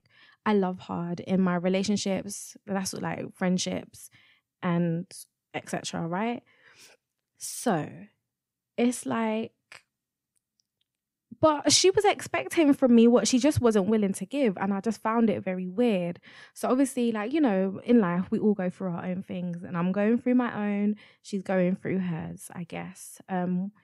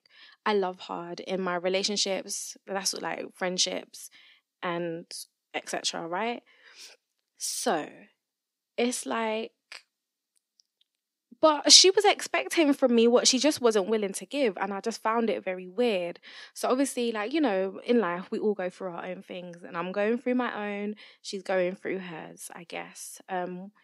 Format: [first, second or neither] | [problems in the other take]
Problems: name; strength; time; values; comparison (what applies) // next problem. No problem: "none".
first | thin; very slightly; fading below 300 Hz